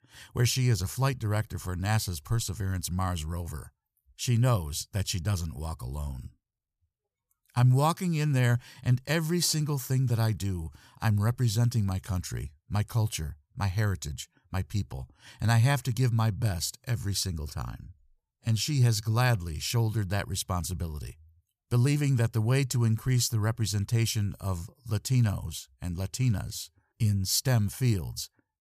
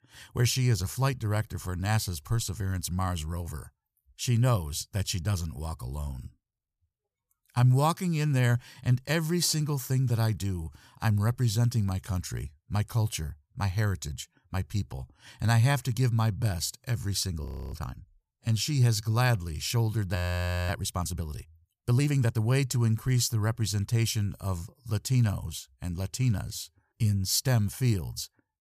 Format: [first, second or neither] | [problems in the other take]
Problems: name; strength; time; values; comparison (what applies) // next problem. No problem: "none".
first | audio freezing; at 17 s and at 20 s for 0.5 s